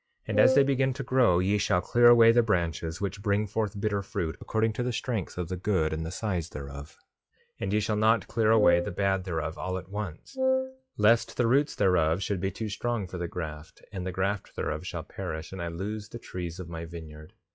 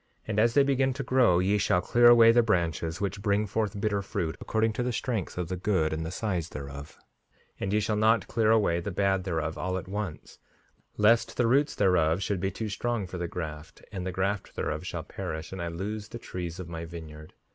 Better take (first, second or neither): second